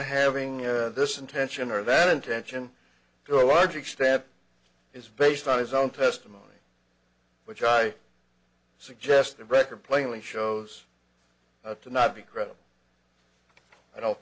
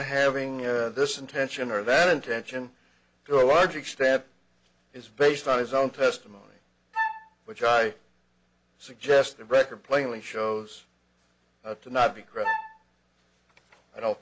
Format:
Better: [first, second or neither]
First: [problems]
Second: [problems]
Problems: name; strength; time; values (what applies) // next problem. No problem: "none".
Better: first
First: none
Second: background sound (Wind instrument, woodwind instrument); 5 dB below the speech